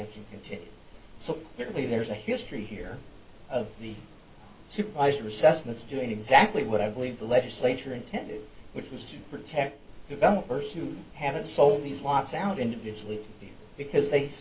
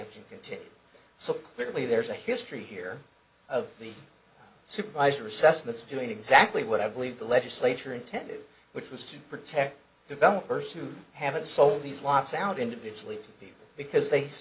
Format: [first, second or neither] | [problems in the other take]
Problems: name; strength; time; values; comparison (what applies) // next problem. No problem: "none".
second | background sound (Insect); 20 dB below the speech // room echo; dies away in 0.2 s